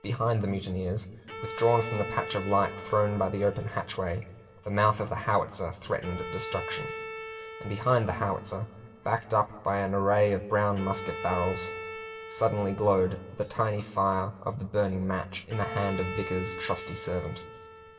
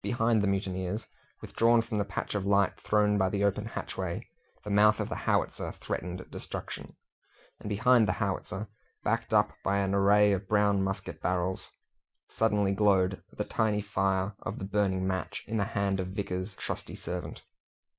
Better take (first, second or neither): second